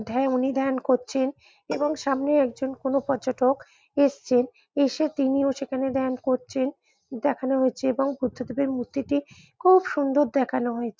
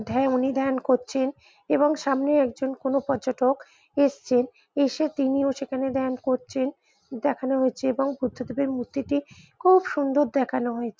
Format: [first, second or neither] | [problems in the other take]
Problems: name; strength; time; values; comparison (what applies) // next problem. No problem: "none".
second | noise reduction (neural mask model DeepFilterNet 3)